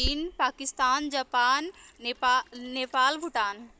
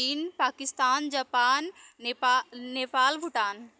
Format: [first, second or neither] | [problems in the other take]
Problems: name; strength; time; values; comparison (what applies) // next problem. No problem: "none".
second | background sound (Sink (filling or washing)); 14 dB below the speech